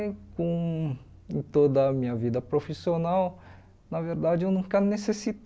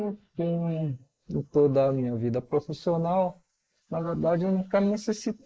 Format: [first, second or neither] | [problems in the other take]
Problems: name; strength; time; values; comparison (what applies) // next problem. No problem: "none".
first | noise reduction (neural mask model Resemble Enhance denoiser)